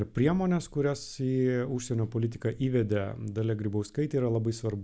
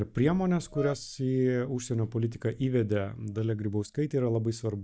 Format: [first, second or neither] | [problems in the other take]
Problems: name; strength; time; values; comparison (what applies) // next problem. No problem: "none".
first | noise reduction (neural mask model DeepFilterNet 3)